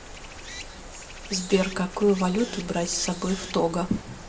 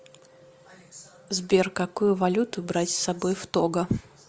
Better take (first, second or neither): second